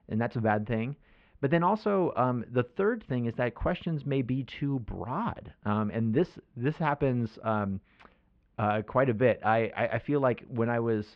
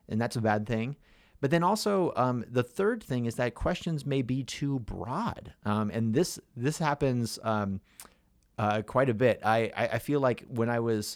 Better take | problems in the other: second | muffled; very; fading above 3 kHz

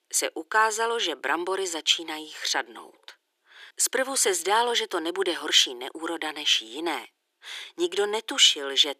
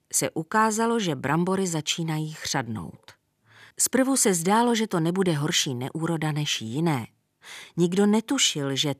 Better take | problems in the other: second | thin; very; fading below 350 Hz

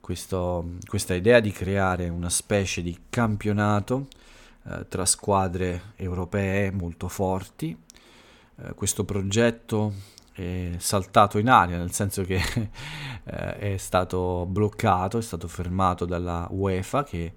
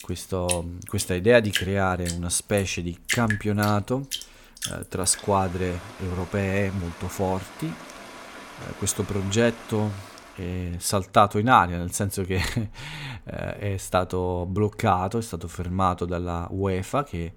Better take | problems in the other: first | rain or running water; loud; until 10 s; 10 dB below the speech

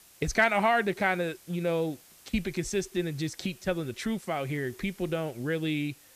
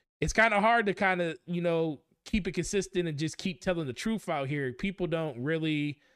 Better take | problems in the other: second | hiss; faint; throughout; 25 dB below the speech

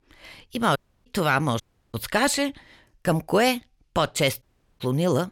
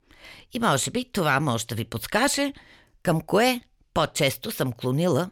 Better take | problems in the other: second | audio cutting out; at 1 s, at 1.5 s and at 4.5 s

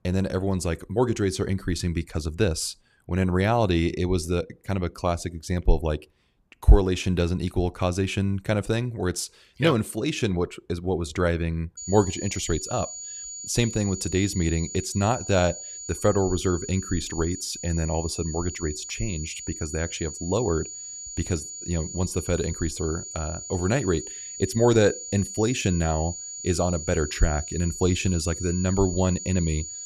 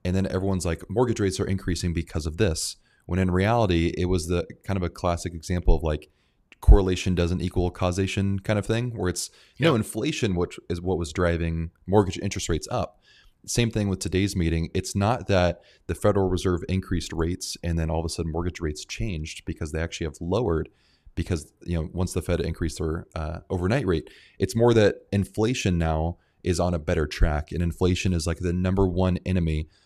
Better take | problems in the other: second | high-pitched whine; loud; from 12 s on; 7 kHz, 8 dB below the speech

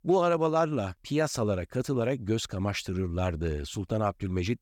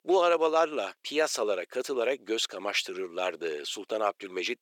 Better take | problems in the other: first | thin; very; fading below 400 Hz

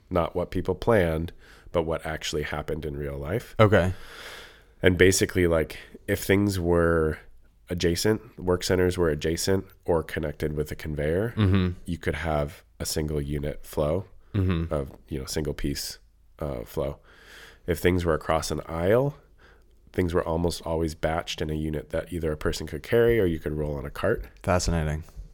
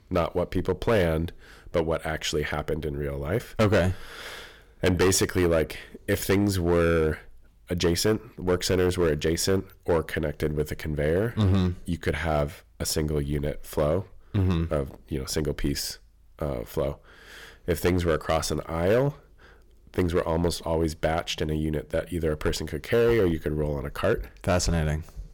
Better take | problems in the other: first | distortion; slight; 4% of the sound clipped

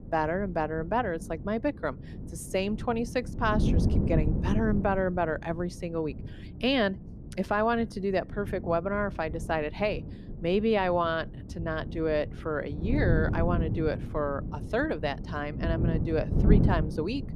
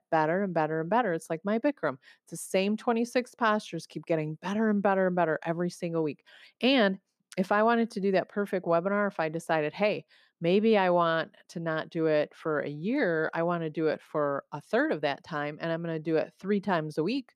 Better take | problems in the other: second | wind noise on the microphone; occasional gusts; 10 dB below the speech

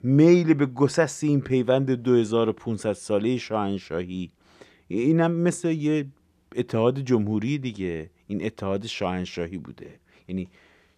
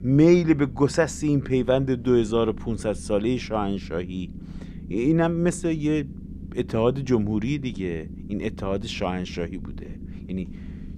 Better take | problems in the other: first | low rumble; faint; throughout; 20 dB below the speech

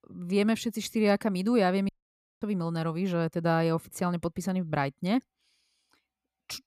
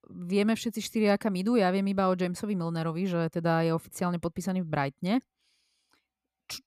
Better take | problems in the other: second | audio cutting out; at 2 s for 0.5 s

